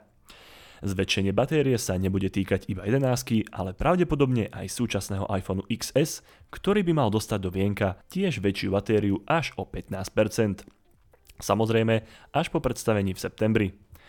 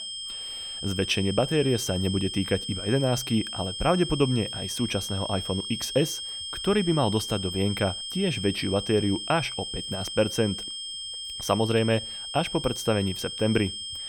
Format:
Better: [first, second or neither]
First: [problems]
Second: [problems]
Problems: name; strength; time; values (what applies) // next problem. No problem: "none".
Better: first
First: none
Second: high-pitched whine; loud; throughout; 3 kHz, 6 dB below the speech